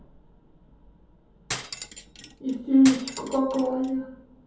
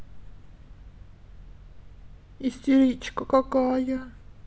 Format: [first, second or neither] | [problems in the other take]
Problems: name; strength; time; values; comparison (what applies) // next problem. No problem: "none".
second | background sound (Cutlery, silverware); 12 dB below the speech // room echo; dies away in 0.6 s